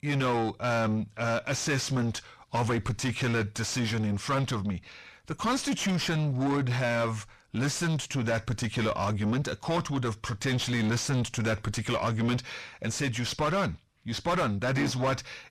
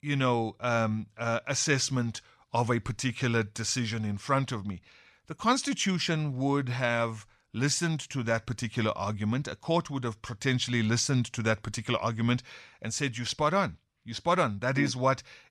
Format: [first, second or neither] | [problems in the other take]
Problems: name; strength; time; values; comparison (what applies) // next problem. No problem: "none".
second | distortion; heavy; 5 dB below the speech